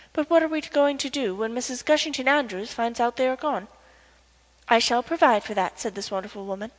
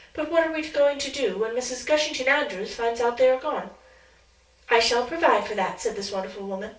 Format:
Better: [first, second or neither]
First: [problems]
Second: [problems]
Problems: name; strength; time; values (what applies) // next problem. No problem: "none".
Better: first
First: none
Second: room echo; dies away in 0.3 s